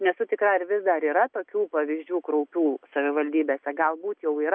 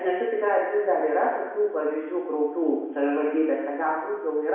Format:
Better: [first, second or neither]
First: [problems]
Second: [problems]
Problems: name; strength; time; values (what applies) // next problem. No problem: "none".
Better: first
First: none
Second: room echo; dies away in 1.1 s